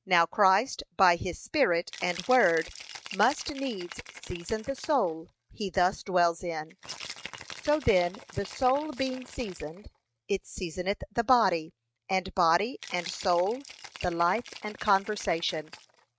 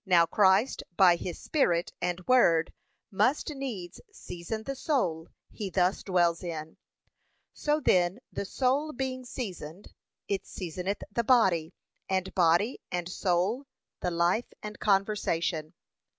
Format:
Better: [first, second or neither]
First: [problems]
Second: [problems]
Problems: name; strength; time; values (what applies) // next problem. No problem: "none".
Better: second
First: noise reduction (neural mask model RNNoise)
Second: none